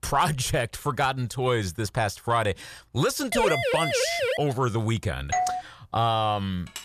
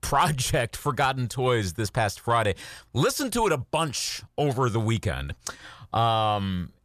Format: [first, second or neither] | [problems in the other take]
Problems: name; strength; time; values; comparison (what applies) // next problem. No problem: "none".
second | siren; loud; from 3.5 to 4.5 s; peak 2 dB above the speech // doorbell; noticeable; at 5.5 s; peak level with the speech // clattering dishes; very faint; at 6.5 s; peak 15 dB below the speech